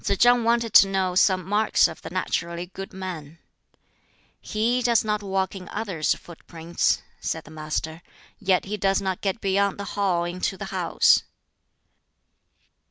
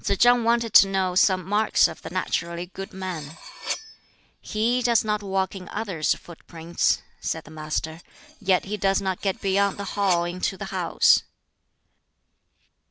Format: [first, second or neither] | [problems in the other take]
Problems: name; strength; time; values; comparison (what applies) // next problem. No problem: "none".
first | background sound (Cutlery, silverware); 14 dB below the speech